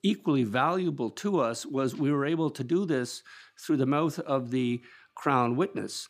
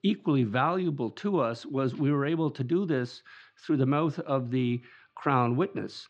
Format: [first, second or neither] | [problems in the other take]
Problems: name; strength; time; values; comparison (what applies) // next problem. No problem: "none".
first | muffled; very slightly; fading above 4 kHz